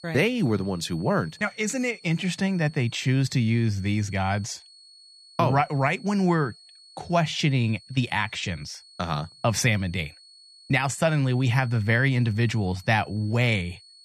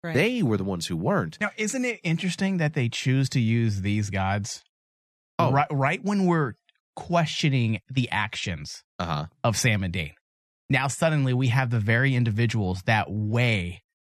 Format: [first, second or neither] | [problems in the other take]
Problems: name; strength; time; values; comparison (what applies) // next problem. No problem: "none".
second | high-pitched whine; faint; throughout; 4.5 kHz, 25 dB below the speech